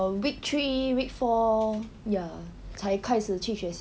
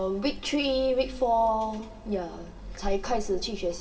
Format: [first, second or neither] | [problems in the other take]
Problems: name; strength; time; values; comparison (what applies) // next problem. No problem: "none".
first | background sound (Dog); 10 dB below the speech // room echo; dies away in 2.9 s